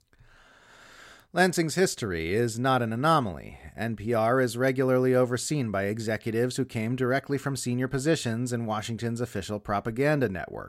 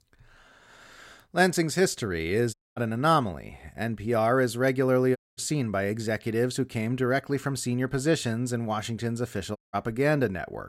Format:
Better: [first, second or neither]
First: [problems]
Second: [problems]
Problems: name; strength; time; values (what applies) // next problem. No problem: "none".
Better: first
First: none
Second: audio cutting out; at 2.5 s, at 5 s and at 9.5 s